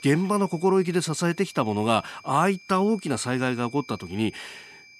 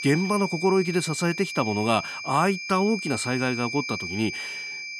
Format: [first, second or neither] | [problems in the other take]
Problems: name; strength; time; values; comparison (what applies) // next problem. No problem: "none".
first | high-pitched whine; loud; throughout; 2.5 kHz, 7 dB below the speech; faint in the first